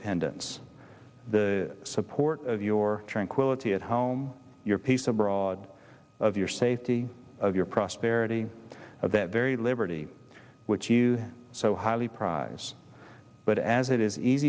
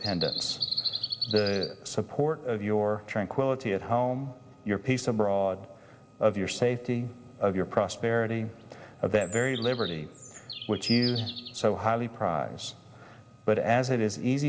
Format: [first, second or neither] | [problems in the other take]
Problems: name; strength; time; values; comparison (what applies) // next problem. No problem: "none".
first | background sound (Bird vocalization, bird call, bird song); 12 dB below the speech // room echo; dies away in 1 s